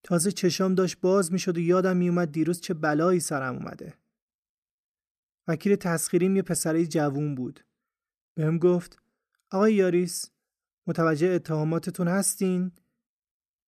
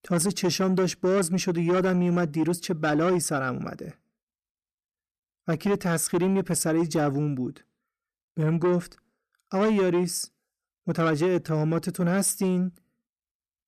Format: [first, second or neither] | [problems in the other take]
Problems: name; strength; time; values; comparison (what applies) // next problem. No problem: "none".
first | distortion; slight; 10 dB below the speech